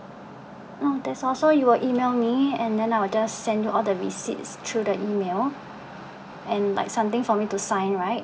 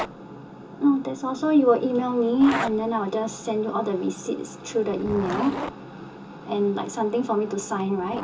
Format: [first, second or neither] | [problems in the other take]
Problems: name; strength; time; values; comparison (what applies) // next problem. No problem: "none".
first | background sound (Zipper (clothing)); 13 dB below the speech // room echo; dies away in 0.2 s